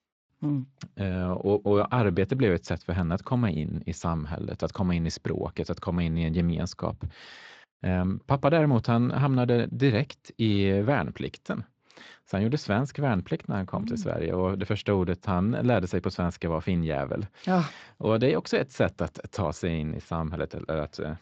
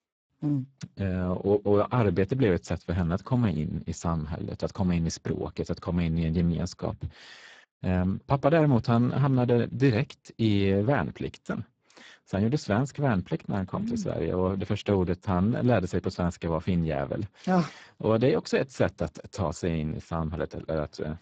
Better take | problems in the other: first | garbled, watery; badly; nothing above 7.5 kHz; slightly in the first

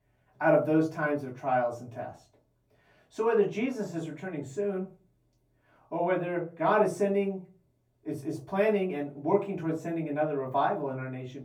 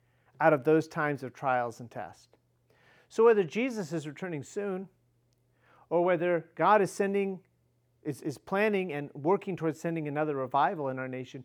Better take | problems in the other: second | off-mic speech; far // room echo; very slight; dies away in 0.3 s

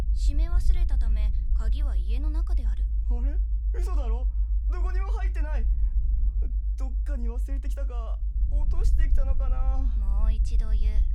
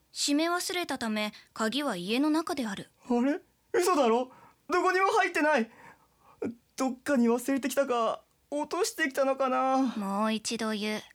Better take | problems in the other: second | low rumble; loud; throughout; 6 dB below the speech

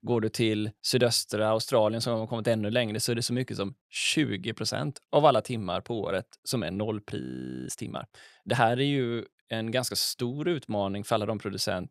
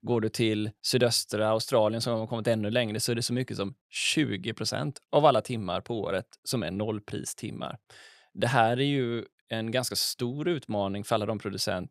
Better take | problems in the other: second | audio freezing; at 7 s

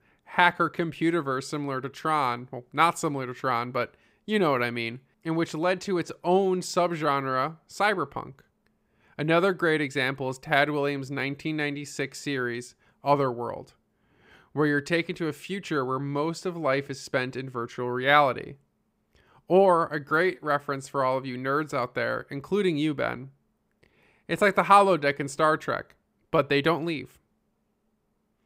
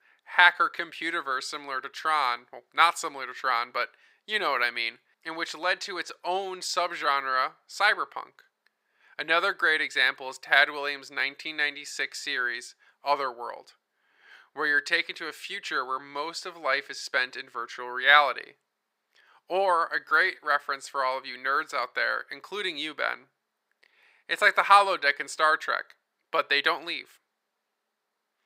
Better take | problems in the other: first | thin; very; fading below 700 Hz

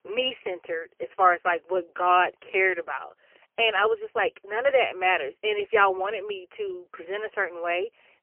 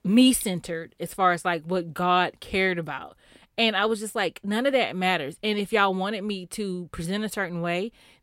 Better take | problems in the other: second | phone-call audio; poor line; nothing above 3 kHz

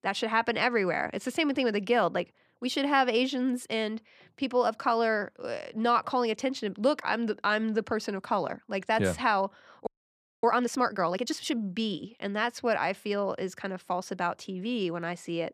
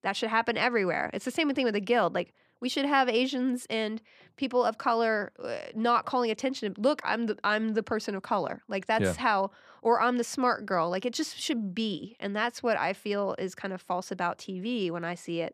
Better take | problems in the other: second | audio freezing; at 10 s for 0.5 s

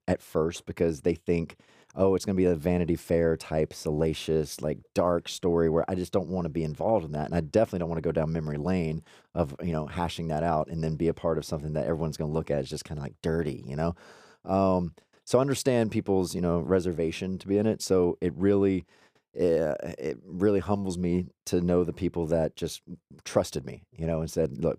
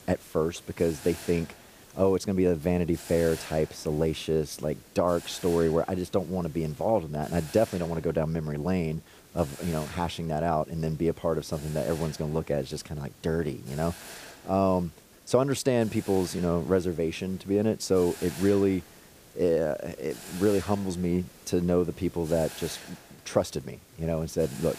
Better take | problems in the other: first | hiss; noticeable; throughout; 20 dB below the speech

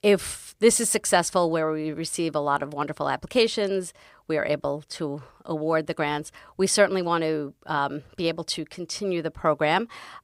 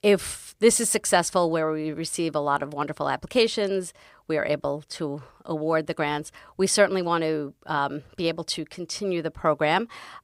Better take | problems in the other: neither | none

